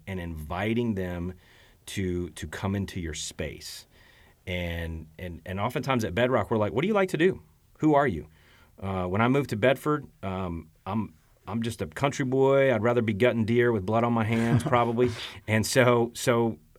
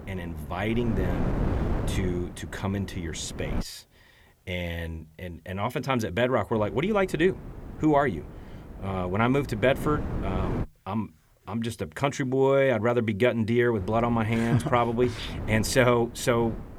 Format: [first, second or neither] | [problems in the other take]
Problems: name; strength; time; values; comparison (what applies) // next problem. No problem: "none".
first | wind noise on the microphone; occasional gusts; until 3.5 s, from 6.5 to 11 s and from 14 s on; 15 dB below the speech